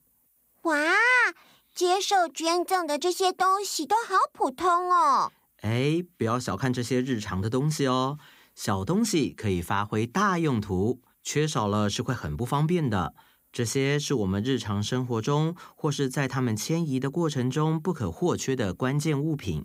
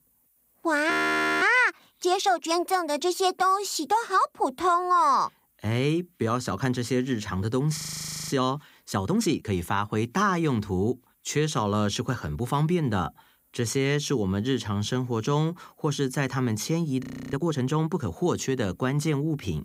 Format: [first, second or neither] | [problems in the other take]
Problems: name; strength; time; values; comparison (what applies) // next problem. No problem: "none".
first | audio freezing; at 1 s for 0.5 s, at 8 s for 0.5 s and at 17 s